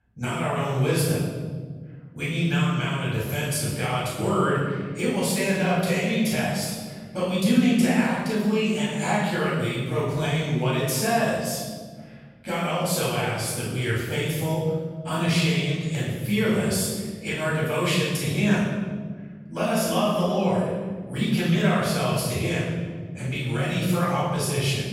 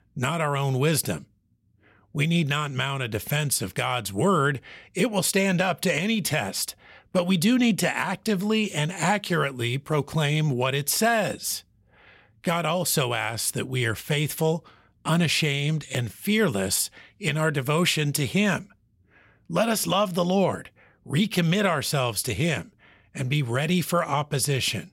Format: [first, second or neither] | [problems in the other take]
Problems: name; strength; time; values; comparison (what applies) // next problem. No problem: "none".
second | off-mic speech; far // room echo; strong; dies away in 1.6 s